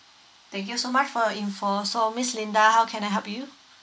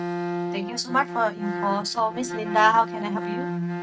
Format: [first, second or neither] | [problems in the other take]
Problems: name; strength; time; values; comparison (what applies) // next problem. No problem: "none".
first | noise reduction (neural mask model RNNoise)